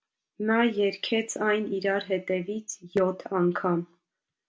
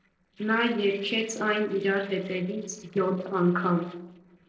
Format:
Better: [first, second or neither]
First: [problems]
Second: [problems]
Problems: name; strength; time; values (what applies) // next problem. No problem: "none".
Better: first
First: none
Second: noise reduction (neural separator model SepFormer DNS4)